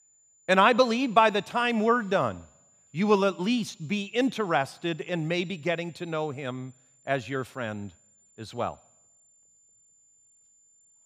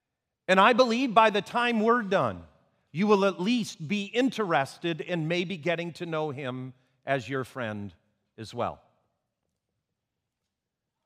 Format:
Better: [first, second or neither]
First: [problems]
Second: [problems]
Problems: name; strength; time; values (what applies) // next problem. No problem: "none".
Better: second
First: high-pitched whine; faint; throughout; 7 kHz, 35 dB below the speech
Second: none